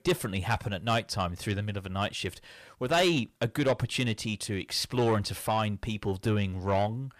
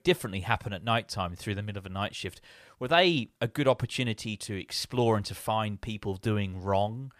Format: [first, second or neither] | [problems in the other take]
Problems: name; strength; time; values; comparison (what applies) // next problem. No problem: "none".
second | distortion; slight; 10 dB below the speech